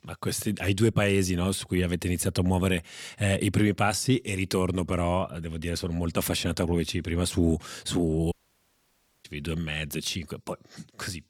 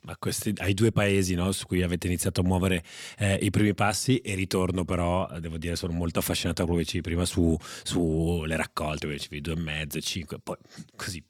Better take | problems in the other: second | audio cutting out; at 8.5 s for 1 s

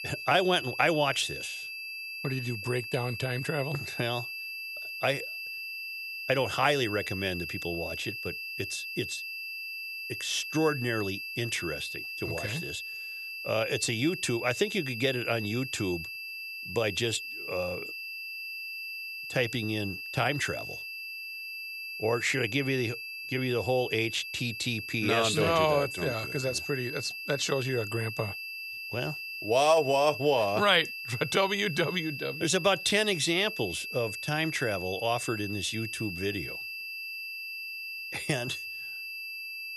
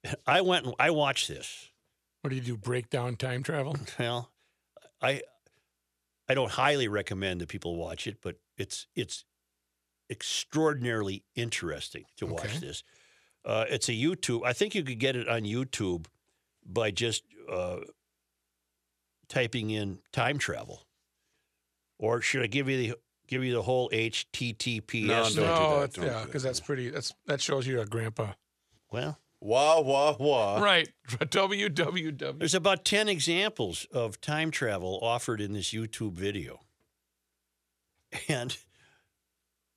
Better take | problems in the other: second | high-pitched whine; loud; throughout; 2.5 kHz, 7 dB below the speech

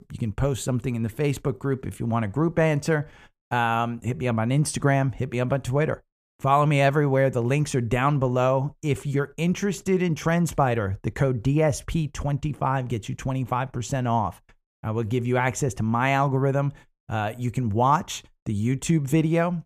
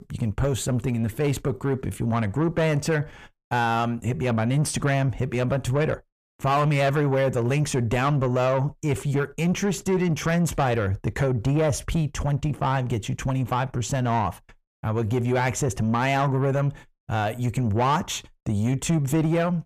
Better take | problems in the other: first | distortion; slight; 10 dB below the speech

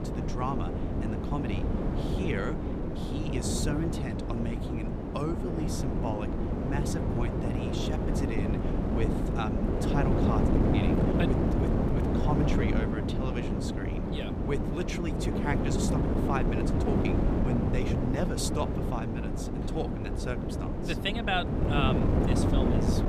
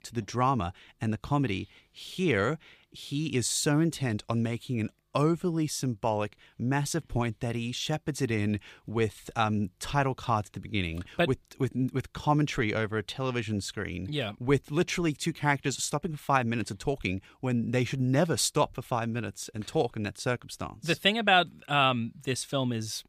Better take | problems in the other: second | wind noise on the microphone; heavy; 2 dB above the speech

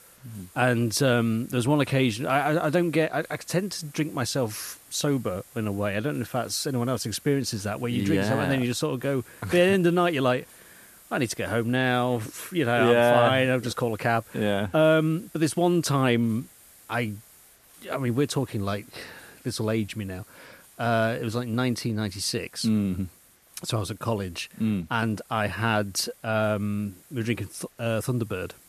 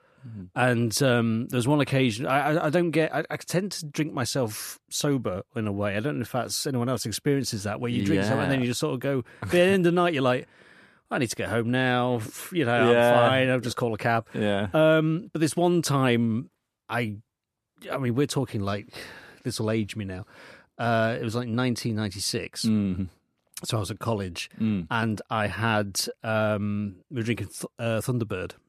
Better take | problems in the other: second | hiss; faint; throughout; 25 dB below the speech

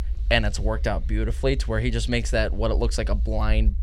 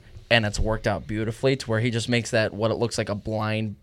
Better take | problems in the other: second | low rumble; faint; throughout; 25 dB below the speech

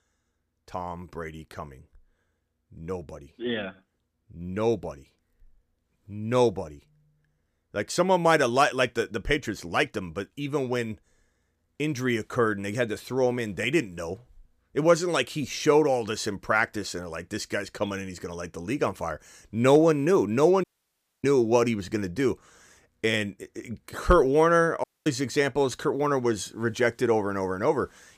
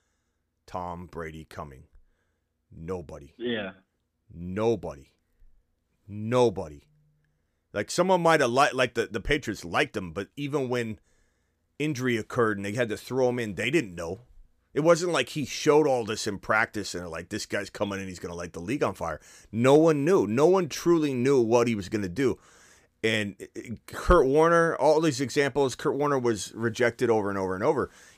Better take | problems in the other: second | audio cutting out; at 21 s for 0.5 s and at 25 s

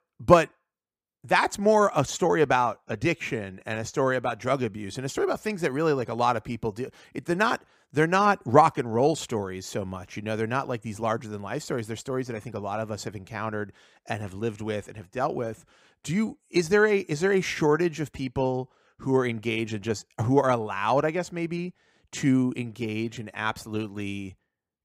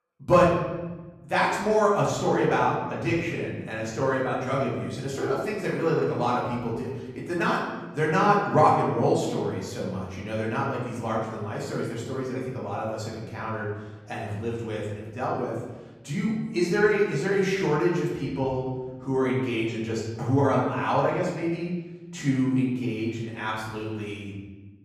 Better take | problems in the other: first | room echo; noticeable; dies away in 1.1 s // off-mic speech; far

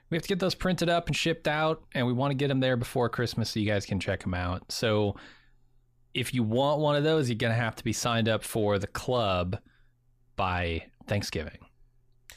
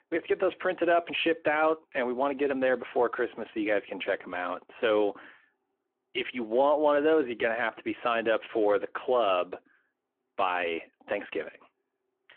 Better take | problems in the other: first | phone-call audio

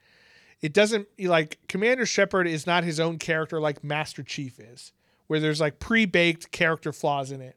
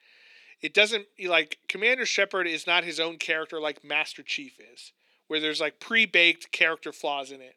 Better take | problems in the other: first | thin; somewhat; fading below 250 Hz

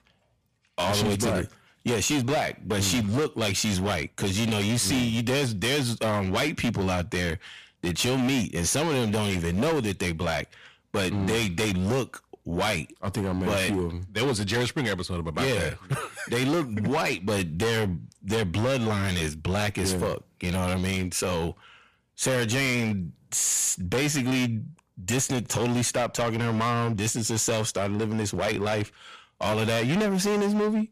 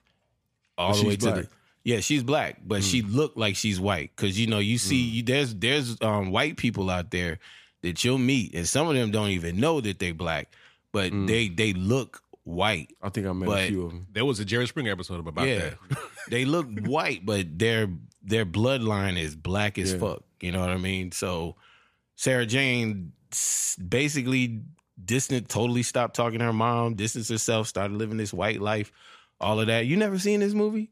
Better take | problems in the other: second | distortion; heavy; 20% of the sound clipped

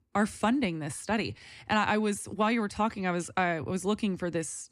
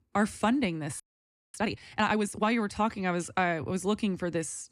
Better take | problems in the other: first | audio freezing; at 1 s for 0.5 s

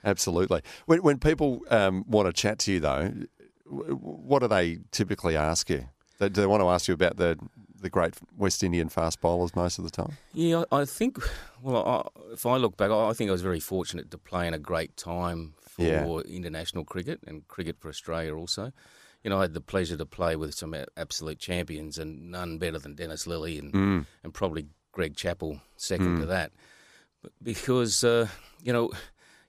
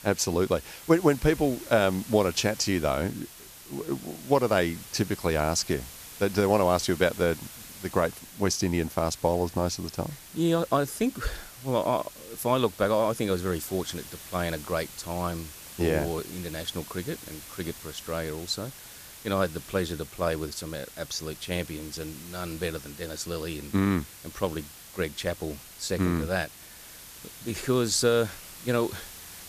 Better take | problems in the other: first | hiss; noticeable; throughout; 15 dB below the speech

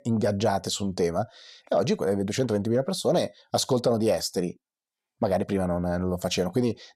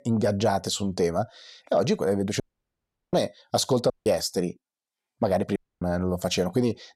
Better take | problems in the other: first | audio cutting out; at 2.5 s for 0.5 s, at 4 s and at 5.5 s

